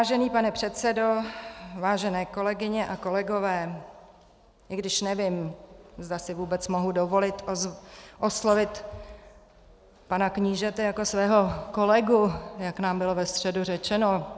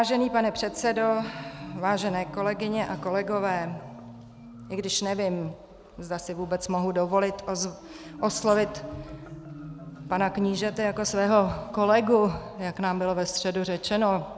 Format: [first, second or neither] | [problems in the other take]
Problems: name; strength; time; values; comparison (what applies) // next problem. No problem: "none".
first | background sound (Marimba, xylophone); 17 dB below the speech